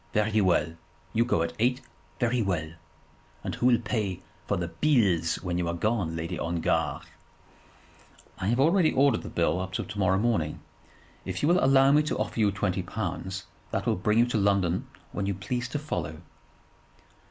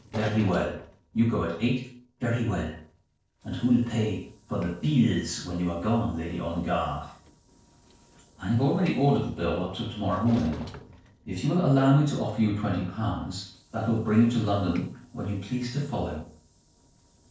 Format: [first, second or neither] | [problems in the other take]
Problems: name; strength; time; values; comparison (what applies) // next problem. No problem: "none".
first | noise reduction (neural separator model SepFormer DNS4)